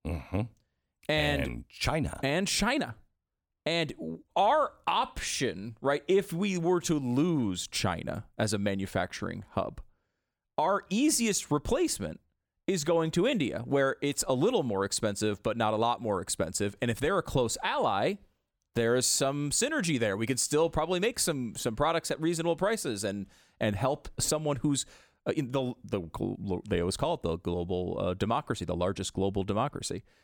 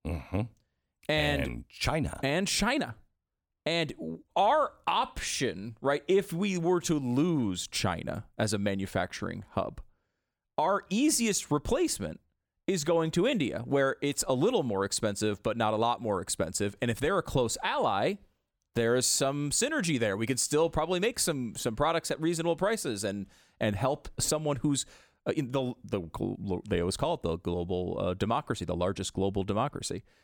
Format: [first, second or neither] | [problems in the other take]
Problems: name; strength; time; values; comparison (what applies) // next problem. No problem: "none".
neither | none